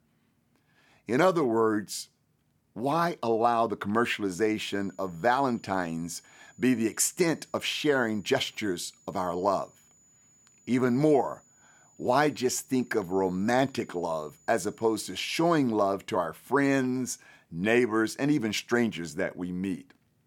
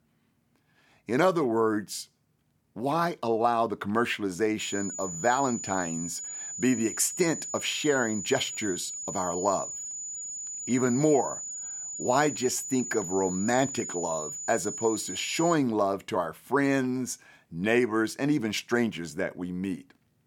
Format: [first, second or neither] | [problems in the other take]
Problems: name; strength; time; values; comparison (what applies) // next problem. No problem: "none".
first | high-pitched whine; loud; from 4.5 to 16 s; 7 kHz, 6 dB below the speech; faint in the first